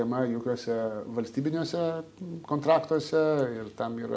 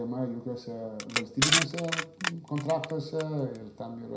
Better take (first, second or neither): first